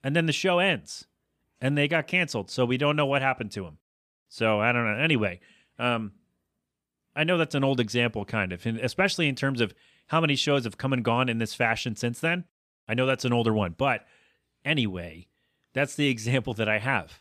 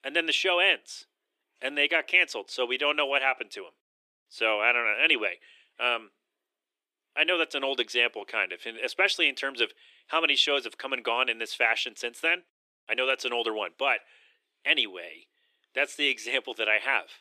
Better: first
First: none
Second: thin; very; fading below 350 Hz

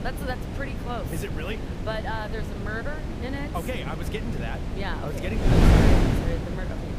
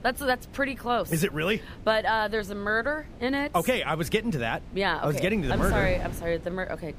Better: second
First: wind noise on the microphone; heavy; 1 dB above the speech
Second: wind noise on the microphone; occasional gusts; 20 dB below the speech

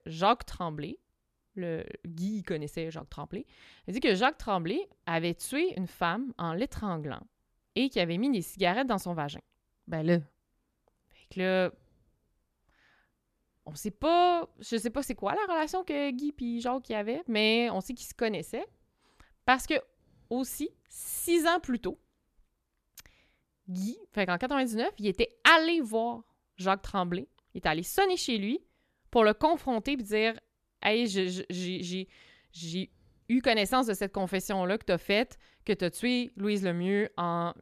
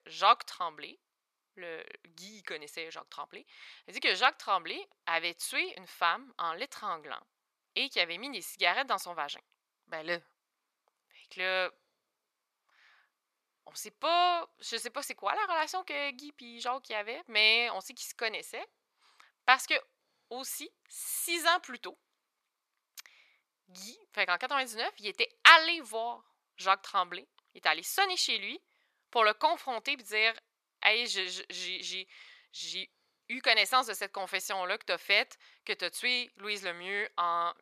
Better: first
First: none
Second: thin; very; fading below 750 Hz

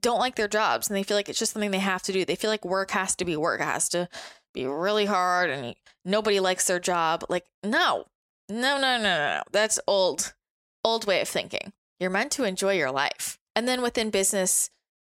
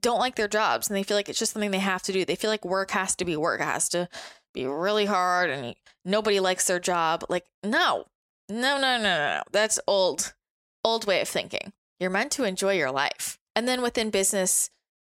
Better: neither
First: none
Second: none

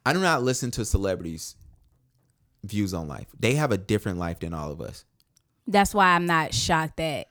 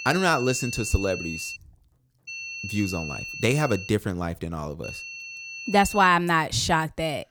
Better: first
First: none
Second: high-pitched whine; loud; until 1.5 s, from 2.5 to 4 s and from 5 to 6 s; 2.5 kHz, 10 dB below the speech

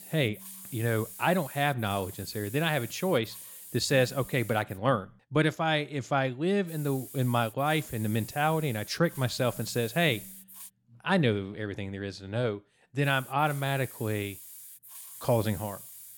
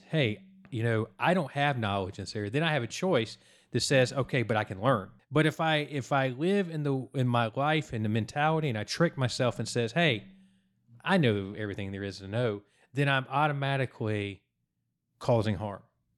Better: second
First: hiss; noticeable; until 5 s, from 6.5 to 11 s and from 13 s on; 15 dB below the speech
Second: none

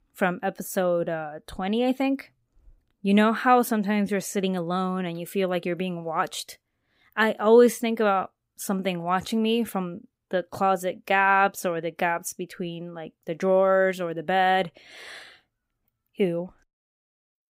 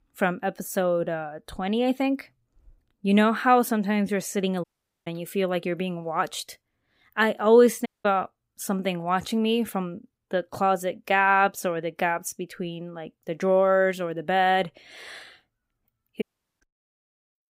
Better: first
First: none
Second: audio cutting out; at 4.5 s, at 8 s and at 16 s

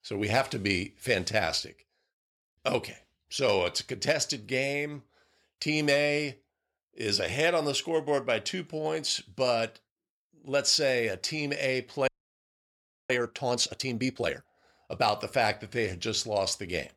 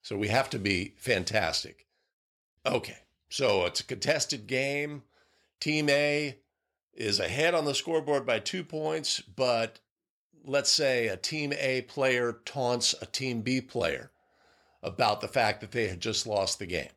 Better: second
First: audio freezing; at 12 s for 1 s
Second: none

